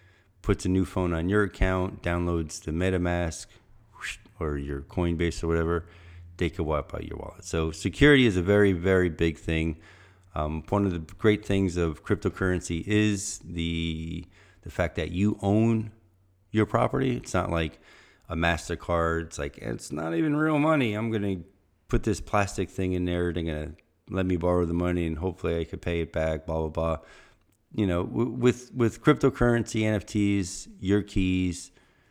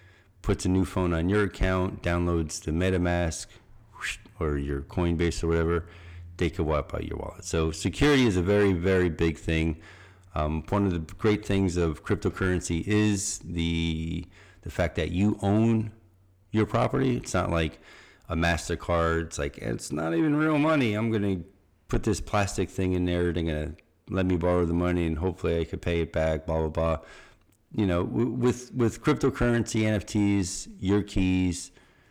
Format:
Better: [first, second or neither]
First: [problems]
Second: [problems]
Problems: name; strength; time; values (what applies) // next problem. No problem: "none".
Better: first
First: none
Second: distortion; slight; 10 dB below the speech